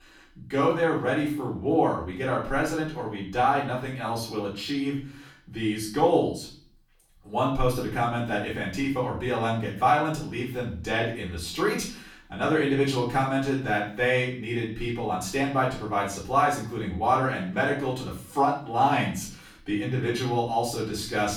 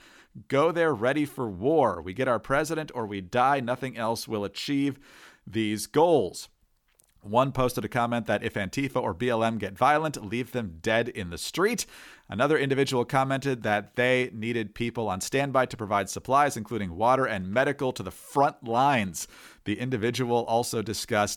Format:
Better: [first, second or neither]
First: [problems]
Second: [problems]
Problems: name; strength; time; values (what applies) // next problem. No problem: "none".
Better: second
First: off-mic speech; far // room echo; noticeable; dies away in 0.5 s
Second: none